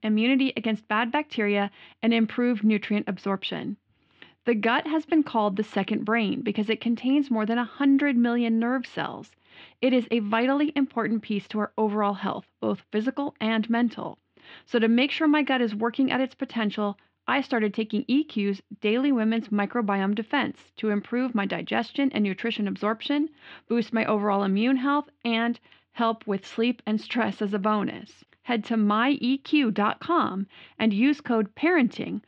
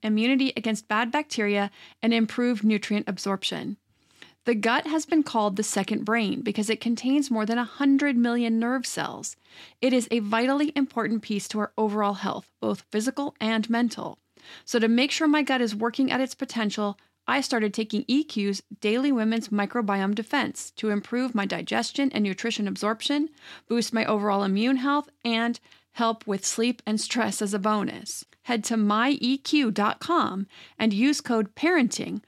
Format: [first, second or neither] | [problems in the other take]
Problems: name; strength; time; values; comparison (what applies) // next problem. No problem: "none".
second | muffled; slightly; fading above 3 kHz